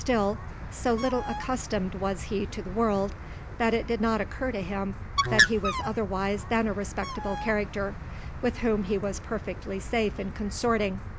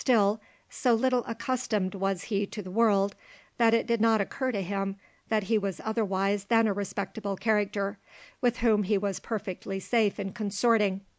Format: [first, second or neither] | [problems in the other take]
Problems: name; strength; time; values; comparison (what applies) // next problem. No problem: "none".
second | background sound (Bird); 5 dB below the speech